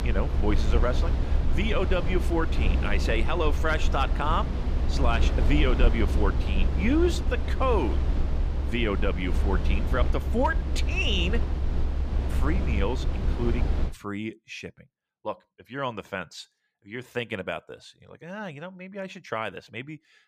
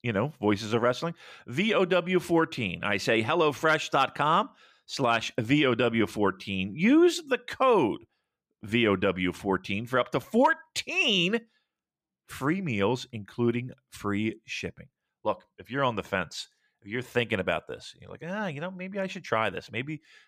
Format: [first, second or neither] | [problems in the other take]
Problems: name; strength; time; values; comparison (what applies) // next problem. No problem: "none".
second | low rumble; loud; until 14 s; 8 dB below the speech